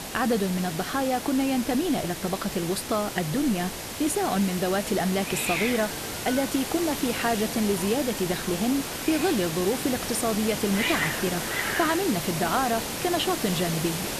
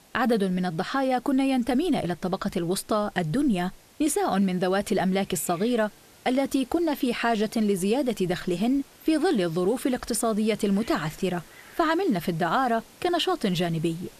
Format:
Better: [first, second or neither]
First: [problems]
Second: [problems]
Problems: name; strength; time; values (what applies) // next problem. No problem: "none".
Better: second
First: hiss; loud; throughout; 4 dB below the speech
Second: hiss; faint; throughout; 25 dB below the speech